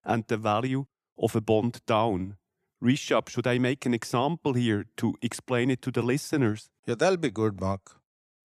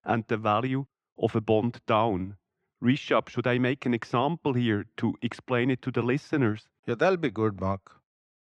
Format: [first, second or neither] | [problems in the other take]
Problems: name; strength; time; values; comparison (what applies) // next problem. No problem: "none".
first | muffled; slightly; fading above 3 kHz